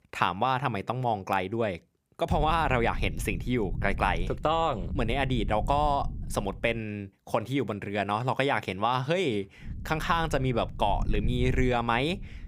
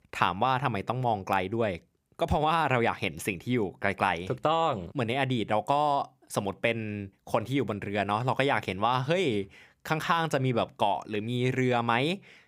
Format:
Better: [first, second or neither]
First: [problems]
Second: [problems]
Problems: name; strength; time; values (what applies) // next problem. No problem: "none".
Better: second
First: low rumble; faint; from 2.5 to 7 s and from 9.5 s on; 20 dB below the speech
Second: none